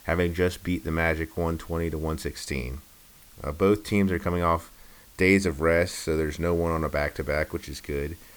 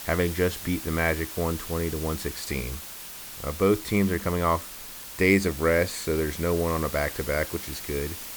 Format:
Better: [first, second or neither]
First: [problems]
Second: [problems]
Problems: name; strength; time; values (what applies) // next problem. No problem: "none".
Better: first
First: hiss; faint; throughout; 25 dB below the speech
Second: hiss; loud; throughout; 10 dB below the speech